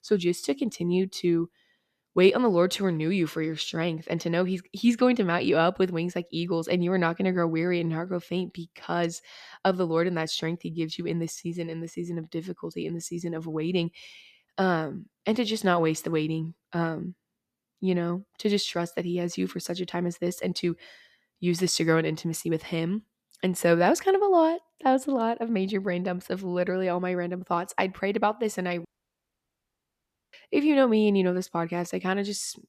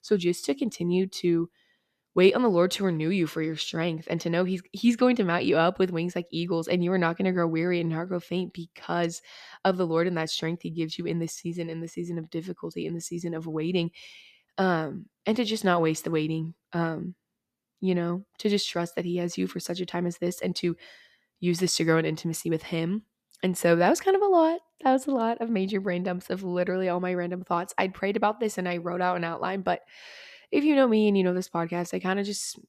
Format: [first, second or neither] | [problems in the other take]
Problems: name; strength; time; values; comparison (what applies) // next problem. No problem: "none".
second | audio cutting out; at 29 s for 1.5 s